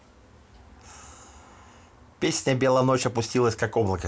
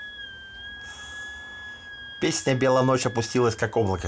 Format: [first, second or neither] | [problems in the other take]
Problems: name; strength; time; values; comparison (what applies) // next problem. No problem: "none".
first | background sound (Wind instrument, woodwind instrument); 15 dB below the speech